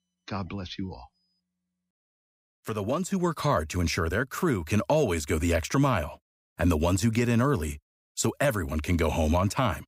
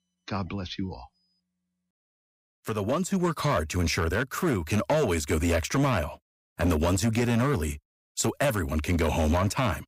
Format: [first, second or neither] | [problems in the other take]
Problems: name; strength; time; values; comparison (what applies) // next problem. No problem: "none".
first | distortion; slight; 7% of the sound clipped